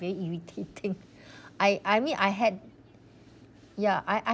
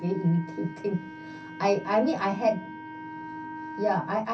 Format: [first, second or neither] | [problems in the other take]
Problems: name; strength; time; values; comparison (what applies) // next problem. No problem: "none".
first | background sound (Wind instrument, woodwind instrument); 12 dB below the speech // room echo; dies away in 0.3 s